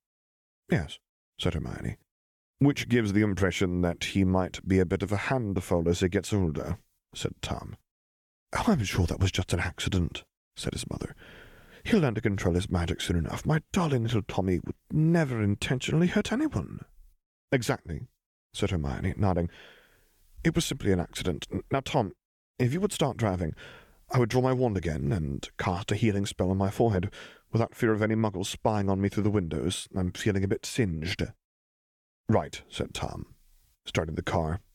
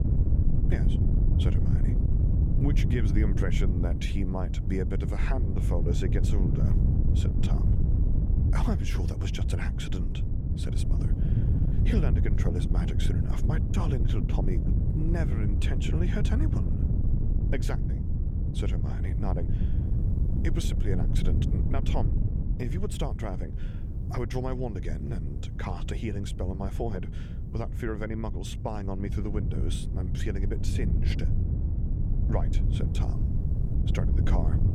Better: first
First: none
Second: wind noise on the microphone; heavy; 3 dB below the speech

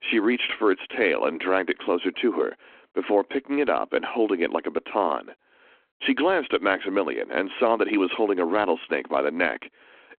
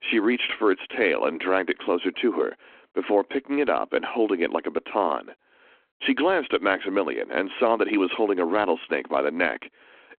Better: neither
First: phone-call audio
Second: phone-call audio

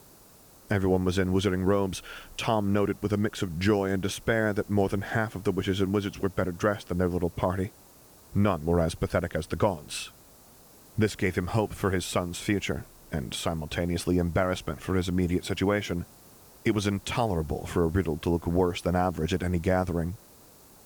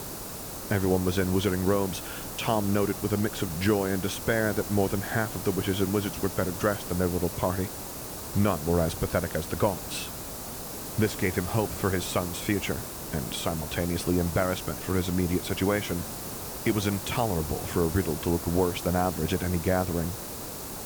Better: first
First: hiss; faint; throughout; 25 dB below the speech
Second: hiss; loud; throughout; 7 dB below the speech

